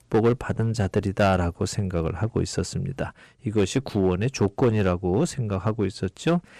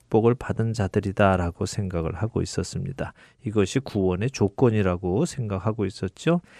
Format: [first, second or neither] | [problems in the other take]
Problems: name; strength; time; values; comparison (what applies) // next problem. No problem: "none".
second | distortion; slight; 5% of the sound clipped